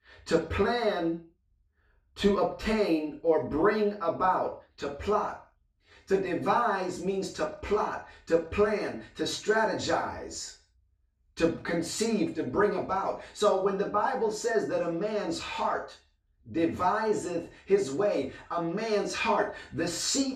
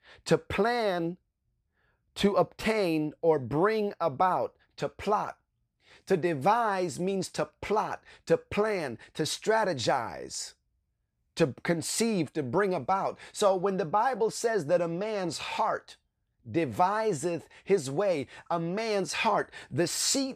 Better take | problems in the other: second | room echo; slight; dies away in 0.3 s // off-mic speech; far

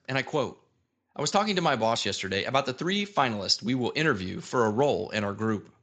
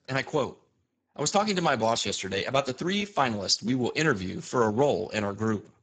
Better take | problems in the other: first | garbled, watery; badly; nothing above 7.5 kHz; slightly in the first

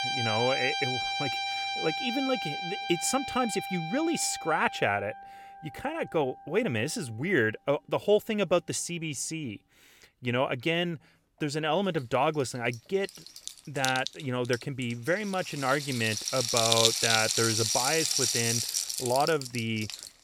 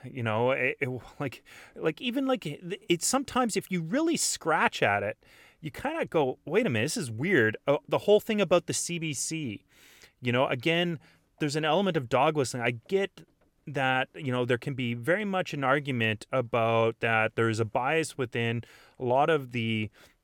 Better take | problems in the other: second | background music; very loud; throughout; as loud as the speech

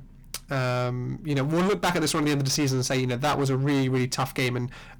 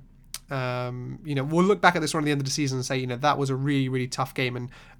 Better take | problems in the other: second | distortion; heavy; 19% of the sound clipped

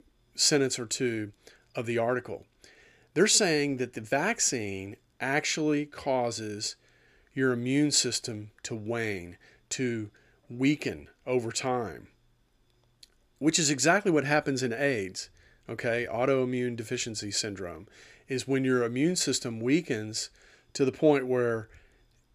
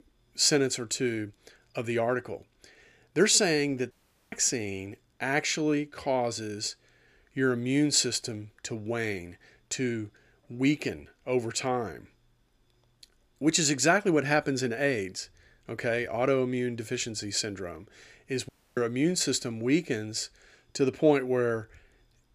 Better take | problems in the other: first | audio cutting out; at 4 s and at 18 s

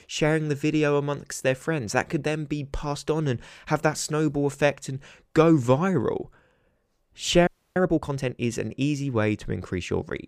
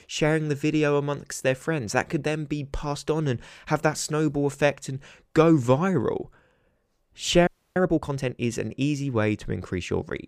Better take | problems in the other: neither | audio freezing; at 7.5 s; the same in both

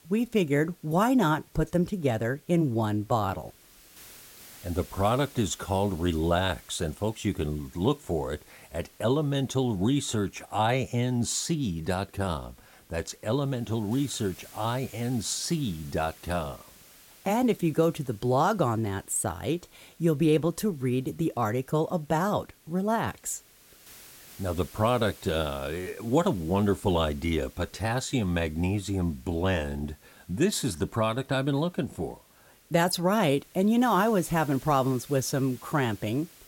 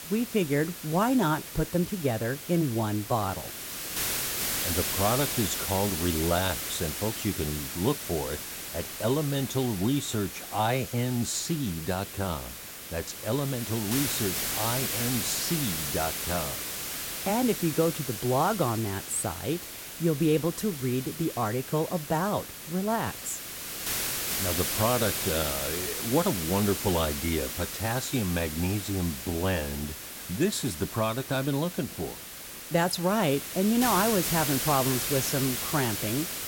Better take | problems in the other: first | hiss; loud; throughout; 3 dB below the speech; faint in the first

